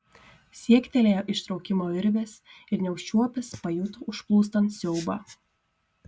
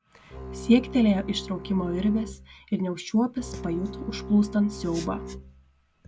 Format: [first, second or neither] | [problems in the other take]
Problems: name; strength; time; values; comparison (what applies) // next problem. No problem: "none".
first | background sound (Bowed string instrument); 12 dB below the speech